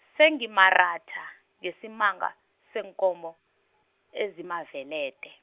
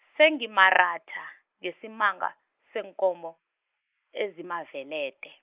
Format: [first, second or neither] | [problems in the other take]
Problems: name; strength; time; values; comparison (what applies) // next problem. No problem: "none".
first | noise reduction (neural mask model Resemble Enhance denoiser)